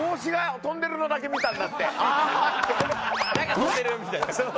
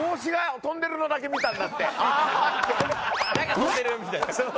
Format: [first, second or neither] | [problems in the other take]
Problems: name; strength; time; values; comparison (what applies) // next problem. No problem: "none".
second | background sound (Wind instrument, woodwind instrument); 18 dB below the speech